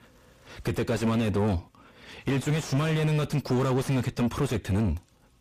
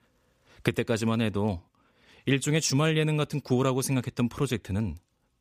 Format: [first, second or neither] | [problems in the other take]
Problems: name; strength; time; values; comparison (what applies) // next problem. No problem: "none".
second | distortion; heavy; 5 dB below the speech